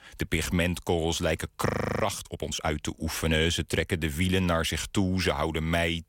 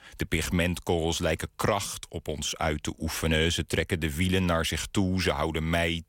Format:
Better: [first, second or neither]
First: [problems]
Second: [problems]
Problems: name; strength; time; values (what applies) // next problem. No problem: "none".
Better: second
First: audio freezing; at 1.5 s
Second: none